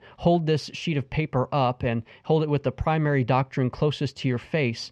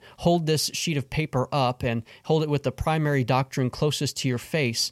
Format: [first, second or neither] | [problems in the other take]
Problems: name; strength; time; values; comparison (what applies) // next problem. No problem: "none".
second | muffled; slightly; fading above 2.5 kHz